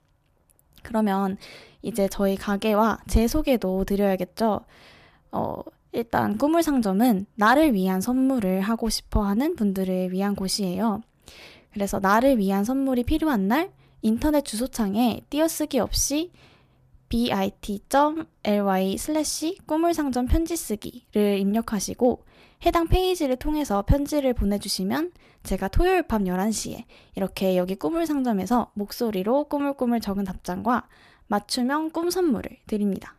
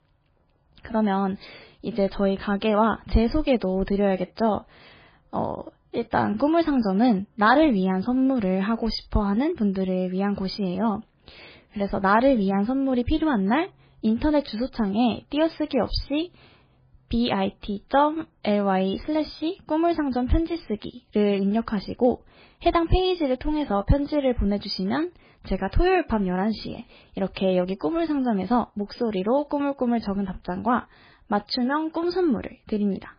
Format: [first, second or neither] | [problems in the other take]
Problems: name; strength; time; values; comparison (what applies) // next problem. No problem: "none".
first | garbled, watery; badly; nothing above 5 kHz